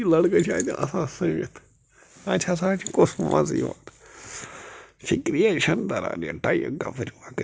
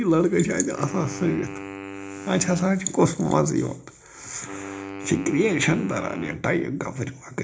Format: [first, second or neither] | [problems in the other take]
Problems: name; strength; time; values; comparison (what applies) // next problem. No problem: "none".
first | background sound (Wind instrument, woodwind instrument); 14 dB below the speech // room echo; dies away in 0.4 s